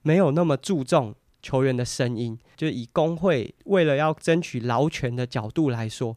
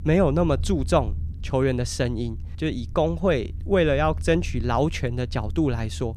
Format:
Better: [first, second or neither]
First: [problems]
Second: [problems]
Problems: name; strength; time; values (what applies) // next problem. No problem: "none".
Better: first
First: none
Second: low rumble; faint; throughout; 25 dB below the speech